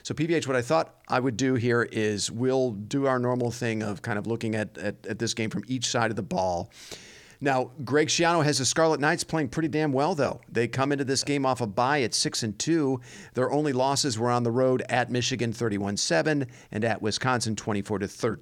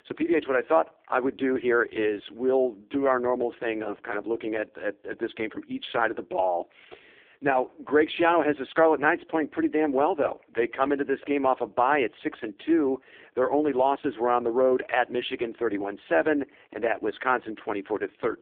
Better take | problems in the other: first | phone-call audio; poor line; nothing above 3.5 kHz

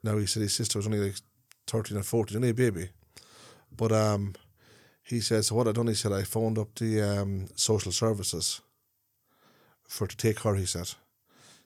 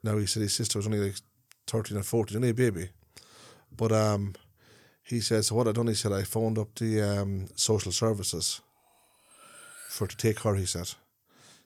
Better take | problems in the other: first | clattering dishes; faint; from 9 to 10 s; peak 15 dB below the speech

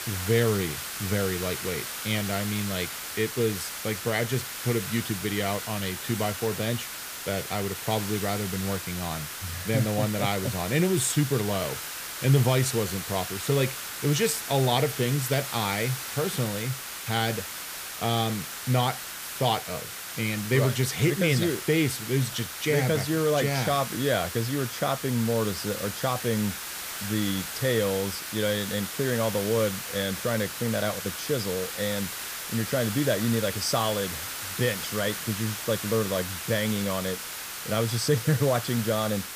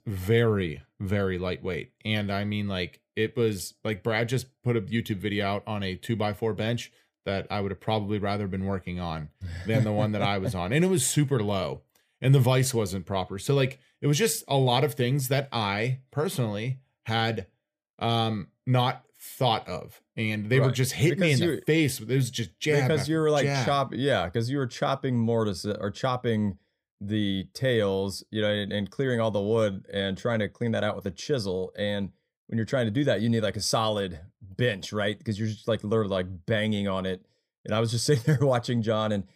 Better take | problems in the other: second | hiss; loud; throughout; 6 dB below the speech

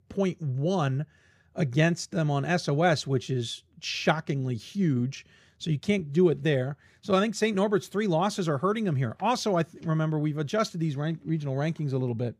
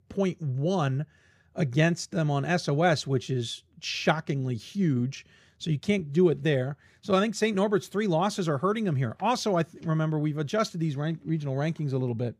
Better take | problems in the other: neither | none

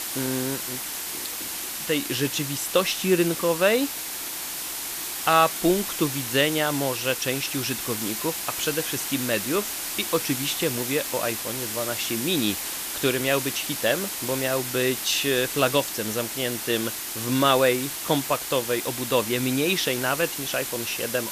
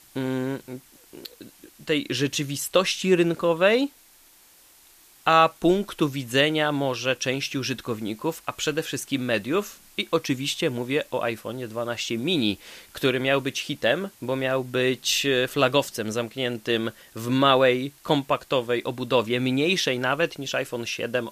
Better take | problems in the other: second | hiss; loud; throughout; 4 dB below the speech; faint in the second

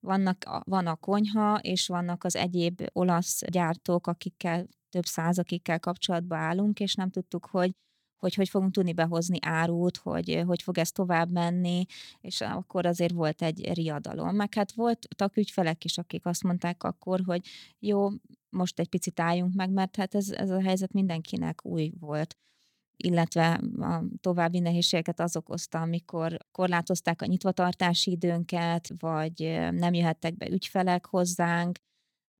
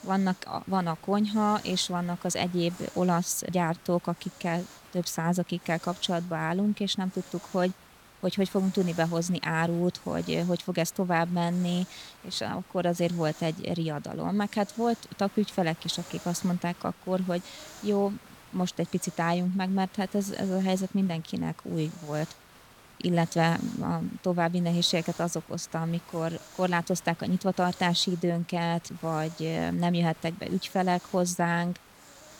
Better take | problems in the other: first | hiss; faint; throughout; 20 dB below the speech

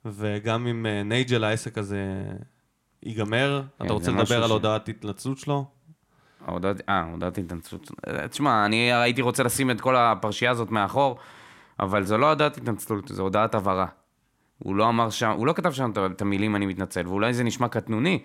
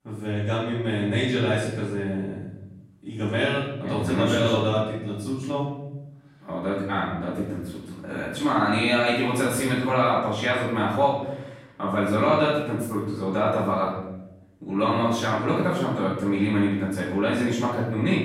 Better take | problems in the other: first | off-mic speech; far // room echo; noticeable; dies away in 0.9 s

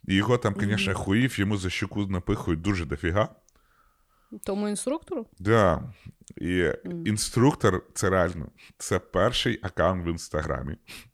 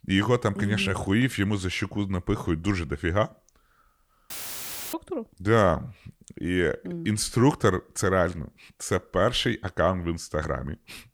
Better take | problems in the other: first | audio cutting out; filled with static; at 4.5 s for 0.5 s

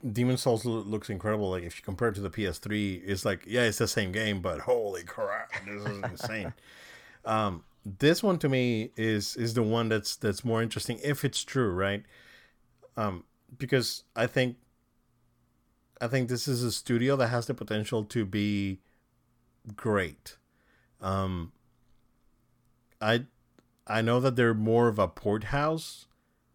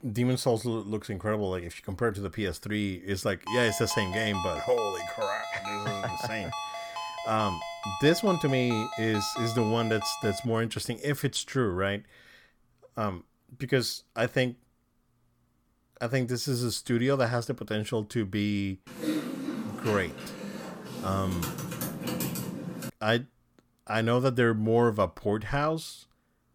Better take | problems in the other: first | phone ringing; noticeable; from 3.5 to 10 s; peak 5 dB below the speech // keyboard typing; noticeable; from 19 to 23 s; peak 2 dB below the speech

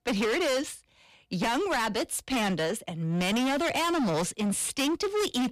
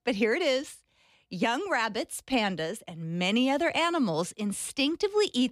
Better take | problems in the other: second | distortion; heavy; 29% of the sound clipped

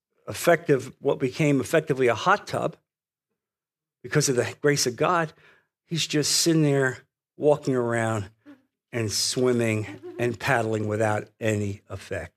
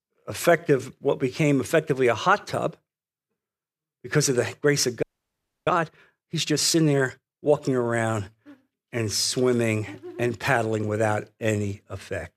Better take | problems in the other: first | audio freezing; at 5 s for 0.5 s

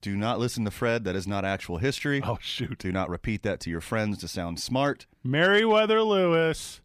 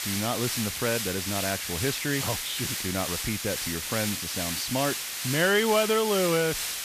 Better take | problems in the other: first | hiss; loud; throughout; 1 dB below the speech

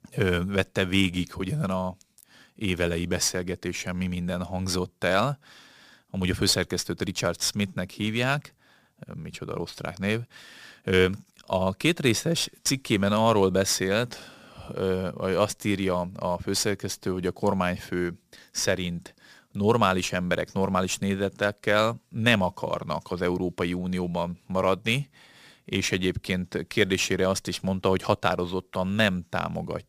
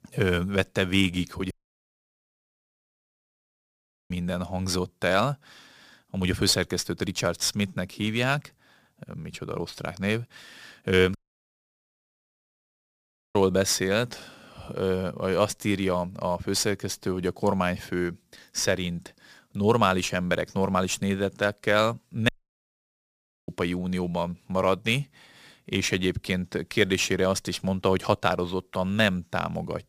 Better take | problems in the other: first | audio cutting out; at 1.5 s for 2.5 s, at 11 s for 2 s and at 22 s for 1 s

